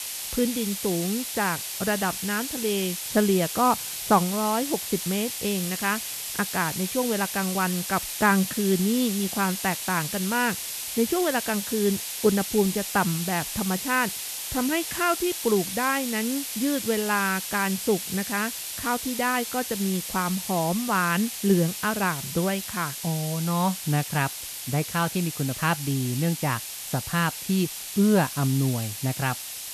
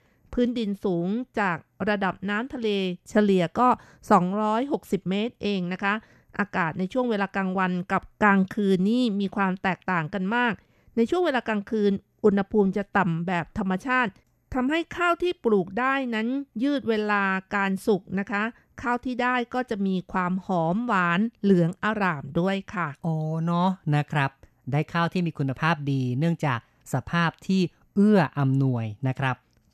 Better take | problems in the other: second | hiss; loud; throughout; 5 dB below the speech

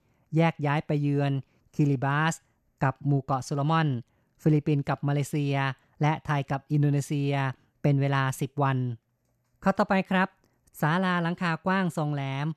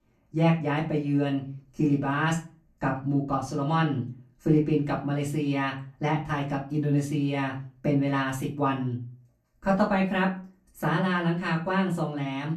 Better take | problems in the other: first | off-mic speech; far // room echo; very slight; dies away in 0.3 s

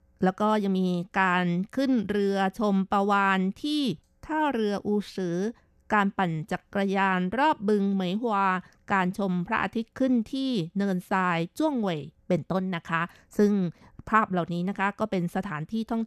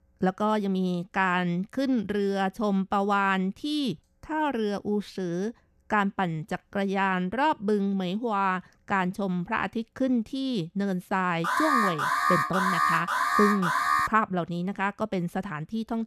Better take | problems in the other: first | alarm; loud; from 11 to 14 s; peak 4 dB above the speech

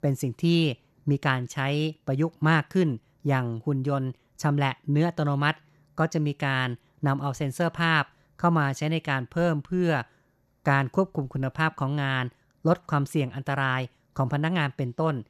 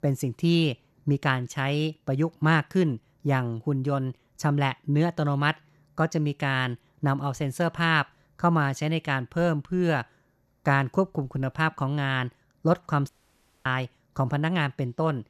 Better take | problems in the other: first | audio cutting out; at 13 s for 0.5 s

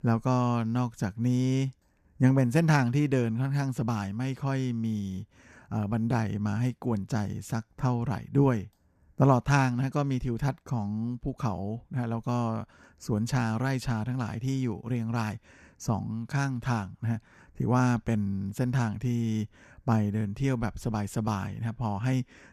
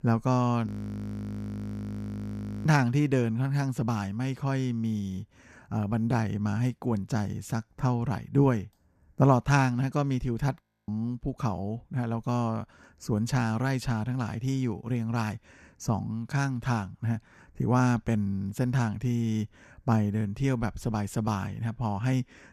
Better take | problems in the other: first | audio freezing; at 0.5 s for 2 s and at 11 s

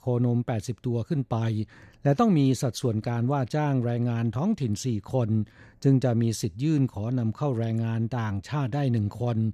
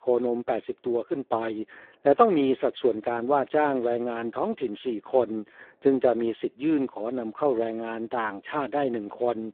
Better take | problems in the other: first | phone-call audio; poor line

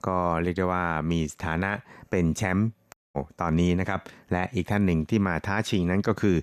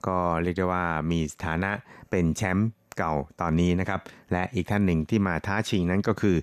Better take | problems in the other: second | audio cutting out; at 3 s

